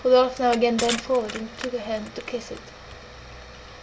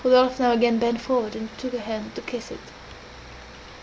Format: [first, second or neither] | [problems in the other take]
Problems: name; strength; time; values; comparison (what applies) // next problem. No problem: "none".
second | background sound (Crushing); 12 dB below the speech // room echo; dies away in 1.6 s